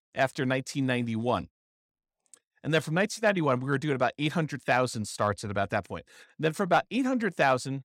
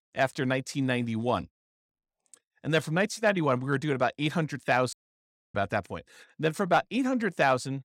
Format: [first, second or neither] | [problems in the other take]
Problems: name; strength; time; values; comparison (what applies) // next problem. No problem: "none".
first | audio cutting out; at 5 s for 0.5 s